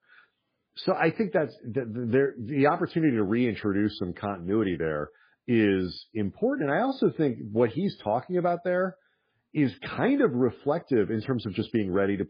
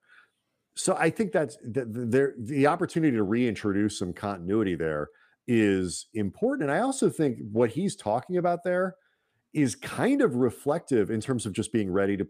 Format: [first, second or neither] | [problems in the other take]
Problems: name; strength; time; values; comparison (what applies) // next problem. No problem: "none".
second | garbled, watery; badly; nothing above 4.5 kHz